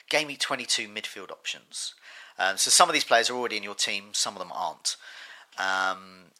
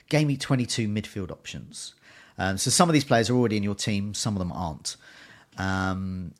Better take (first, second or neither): second